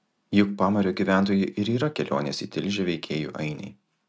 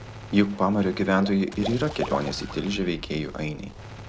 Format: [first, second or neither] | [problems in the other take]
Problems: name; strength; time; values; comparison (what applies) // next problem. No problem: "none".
first | background sound (Gunshot, gunfire + Water / Liquid); 12 dB below the speech